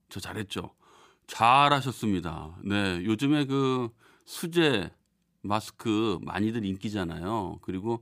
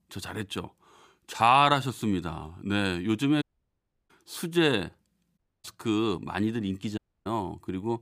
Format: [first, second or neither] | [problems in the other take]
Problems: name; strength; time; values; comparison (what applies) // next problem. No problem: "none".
first | audio cutting out; at 3.5 s for 0.5 s, at 5.5 s and at 7 s